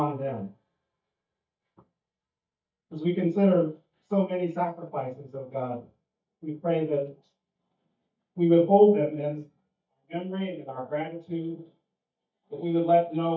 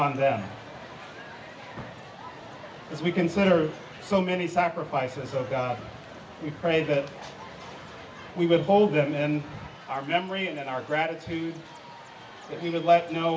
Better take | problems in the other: second | noise reduction (neural mask model DeepFilterNet 3)

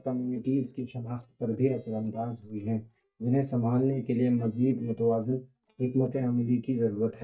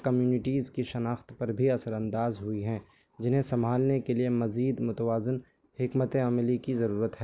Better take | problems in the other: second | noise reduction (neural mask model DeepFilterNet 3)

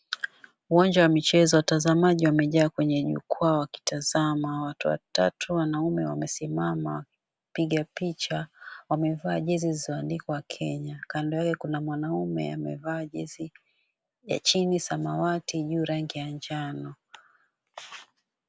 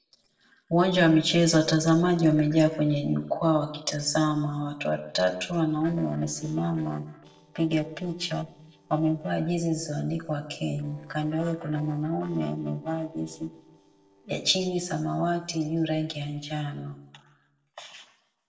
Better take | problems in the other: first | noise reduction (neural separator model SepFormer DNS4)

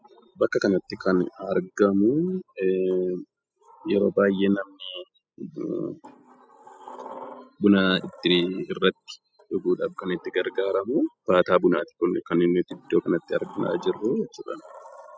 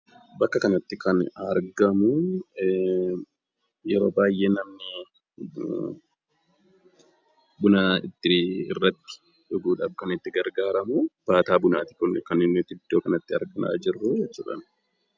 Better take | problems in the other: second | noise reduction (classical method spectral subtraction)

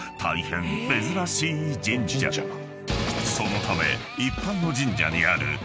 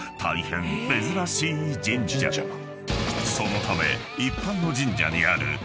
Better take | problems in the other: first | background sound (Wind instrument, woodwind instrument); 16 dB below the speech

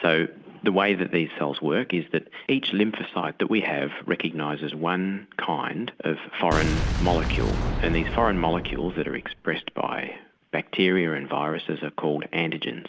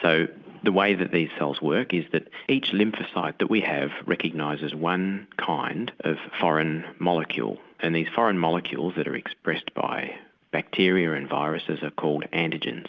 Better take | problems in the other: second | background sound (Boom); 2 dB below the speech

